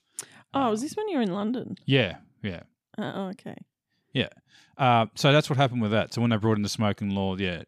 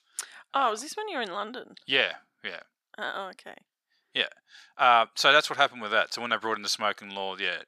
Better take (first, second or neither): first